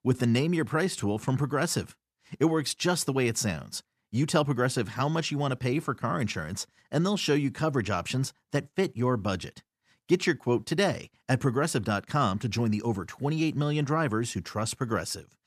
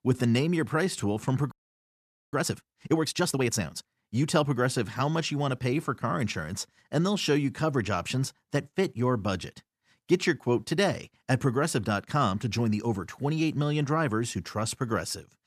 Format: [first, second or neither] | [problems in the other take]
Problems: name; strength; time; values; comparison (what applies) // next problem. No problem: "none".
first | audio freezing; at 1.5 s for 1 s